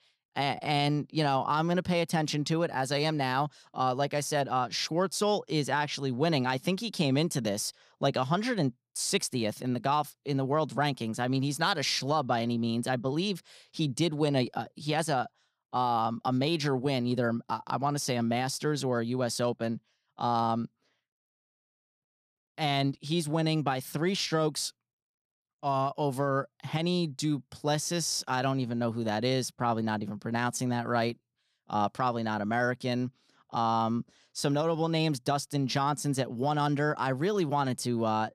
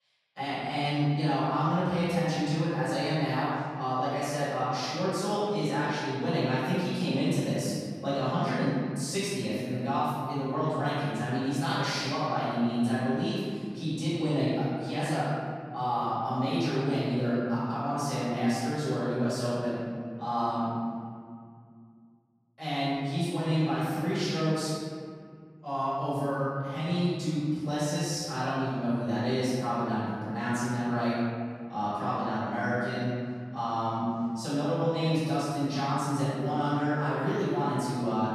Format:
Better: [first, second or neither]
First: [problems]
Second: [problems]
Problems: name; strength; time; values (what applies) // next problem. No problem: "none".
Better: first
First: none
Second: room echo; strong; dies away in 2.1 s // off-mic speech; far